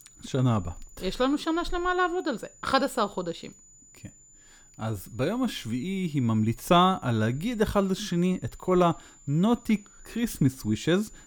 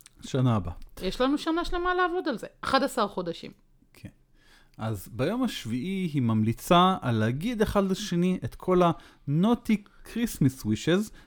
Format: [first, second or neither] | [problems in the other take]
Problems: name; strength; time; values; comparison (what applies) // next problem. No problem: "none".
second | high-pitched whine; faint; throughout; 7 kHz, 25 dB below the speech